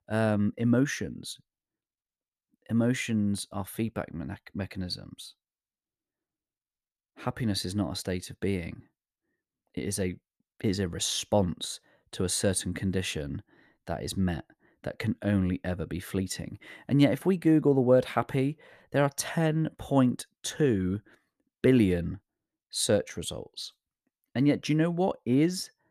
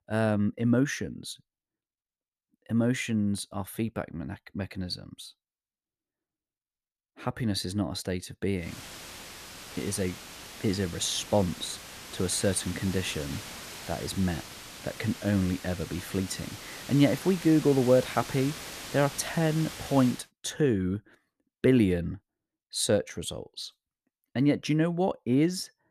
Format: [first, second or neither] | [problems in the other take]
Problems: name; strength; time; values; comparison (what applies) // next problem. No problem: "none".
first | hiss; noticeable; from 8.5 to 20 s; 10 dB below the speech